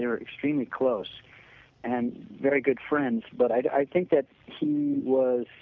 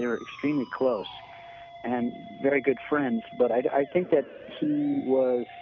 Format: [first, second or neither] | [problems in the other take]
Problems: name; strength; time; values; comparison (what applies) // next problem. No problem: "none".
first | background sound (Musical instrument); 18 dB below the speech